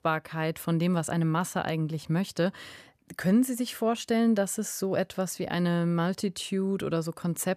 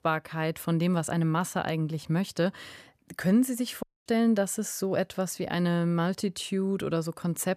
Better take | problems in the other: first | audio cutting out; at 4 s

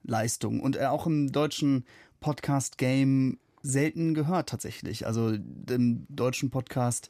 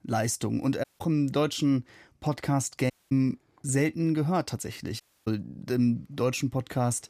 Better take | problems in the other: first | audio cutting out; at 1 s, at 3 s and at 5 s

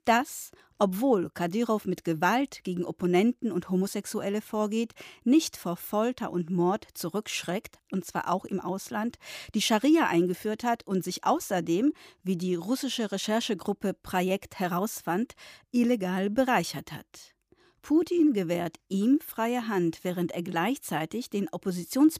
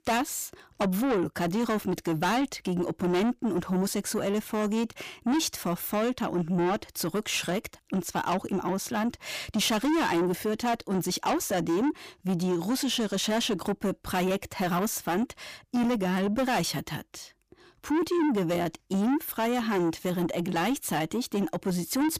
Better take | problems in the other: first | distortion; heavy; 7 dB below the speech

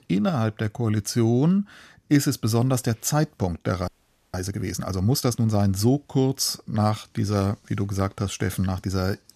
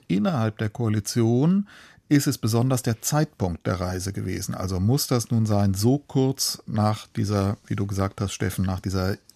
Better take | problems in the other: second | audio freezing; at 4 s

